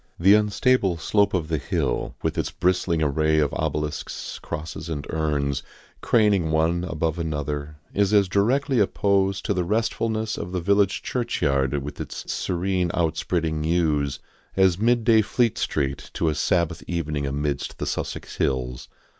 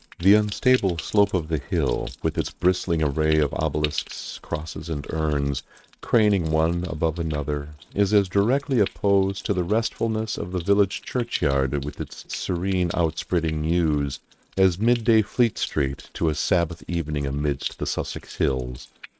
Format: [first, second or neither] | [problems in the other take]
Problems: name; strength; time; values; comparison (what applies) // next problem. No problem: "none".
first | noise reduction (neural mask model RNNoise)